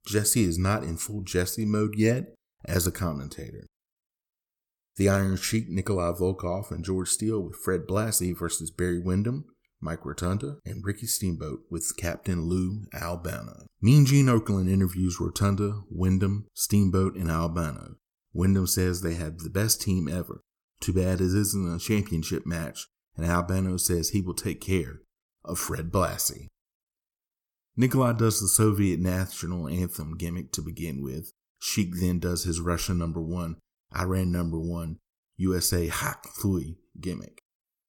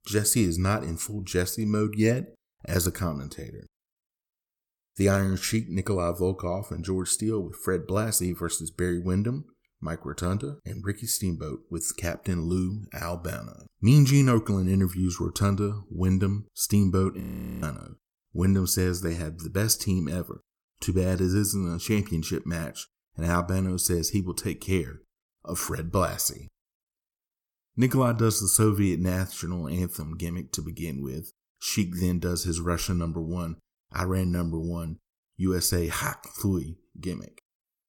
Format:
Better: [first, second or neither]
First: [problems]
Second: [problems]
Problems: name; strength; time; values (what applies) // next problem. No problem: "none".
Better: first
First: none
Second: audio freezing; at 17 s